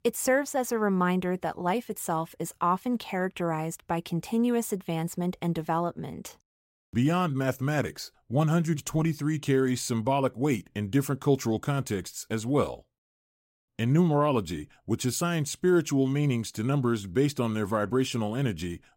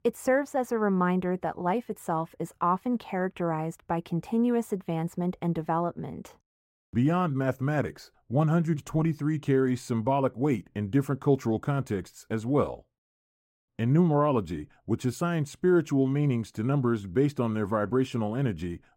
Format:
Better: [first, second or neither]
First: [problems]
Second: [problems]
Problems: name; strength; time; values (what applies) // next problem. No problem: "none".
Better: first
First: none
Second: muffled; slightly; fading above 2.5 kHz